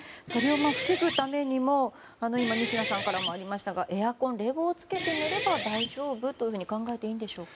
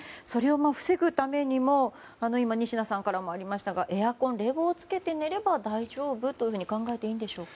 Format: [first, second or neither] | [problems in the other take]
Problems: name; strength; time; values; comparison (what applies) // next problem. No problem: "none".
second | background sound (Guitar); 6 dB below the speech